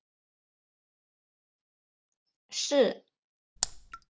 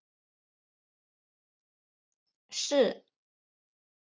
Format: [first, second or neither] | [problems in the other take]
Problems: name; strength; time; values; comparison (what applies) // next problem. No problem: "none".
second | background sound (Raindrop); 1 dB below the speech